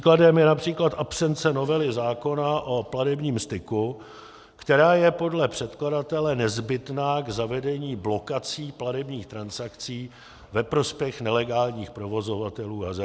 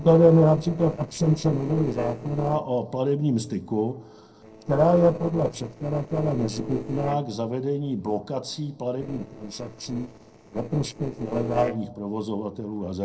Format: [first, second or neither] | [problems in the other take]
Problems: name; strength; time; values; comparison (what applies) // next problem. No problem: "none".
first | noise reduction (neural separator model SepFormer DNS4)